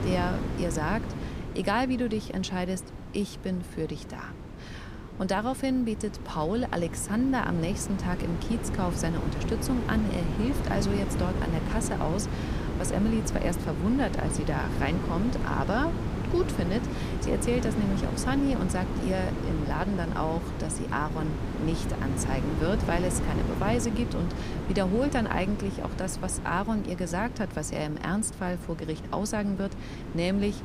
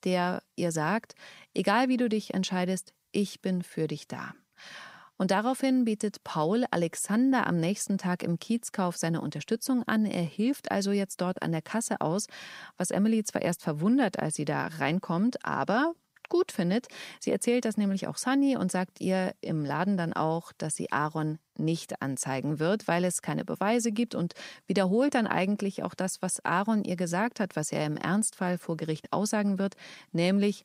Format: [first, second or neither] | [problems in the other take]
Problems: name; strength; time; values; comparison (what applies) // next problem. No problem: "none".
second | wind noise on the microphone; heavy; 6 dB below the speech